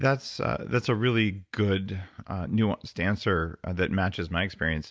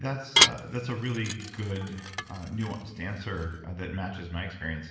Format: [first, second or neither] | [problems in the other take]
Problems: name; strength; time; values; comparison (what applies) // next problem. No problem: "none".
first | background sound (Dishes, pots, and pans / Glass); 4 dB above the speech // room echo; dies away in 1 s